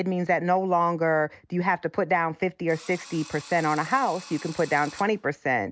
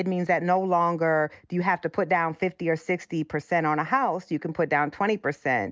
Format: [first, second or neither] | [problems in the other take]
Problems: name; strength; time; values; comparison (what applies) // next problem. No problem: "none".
second | background sound (Drill); 19 dB below the speech